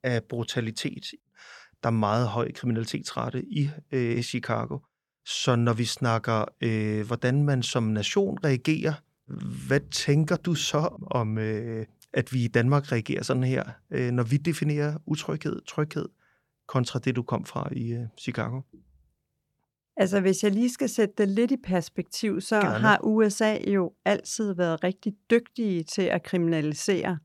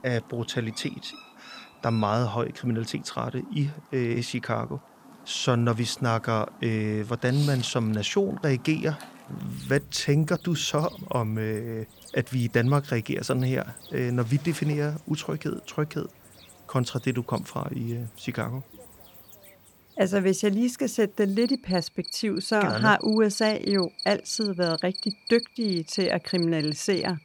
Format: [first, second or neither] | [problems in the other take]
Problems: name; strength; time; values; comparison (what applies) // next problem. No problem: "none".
first | animal sounds; noticeable; throughout; 10 dB below the speech